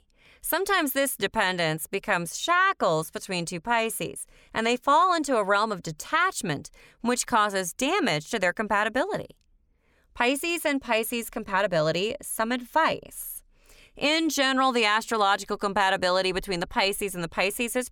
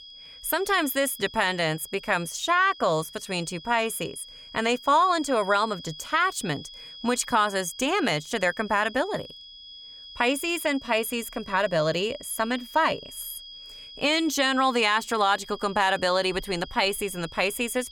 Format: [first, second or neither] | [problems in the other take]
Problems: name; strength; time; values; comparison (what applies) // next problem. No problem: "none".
first | high-pitched whine; noticeable; throughout; 3.5 kHz, 15 dB below the speech